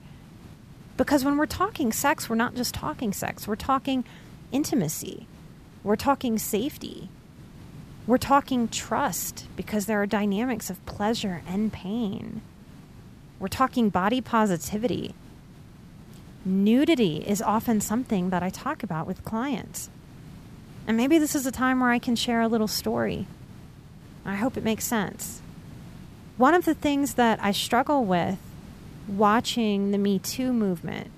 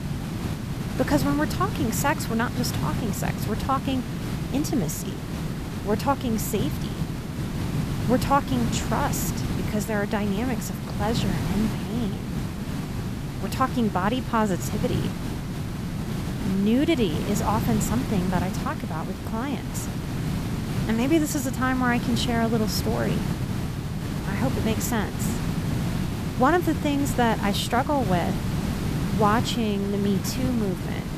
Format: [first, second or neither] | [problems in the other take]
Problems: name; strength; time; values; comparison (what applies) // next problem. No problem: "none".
first | hiss; loud; throughout; 3 dB below the speech; faint in the first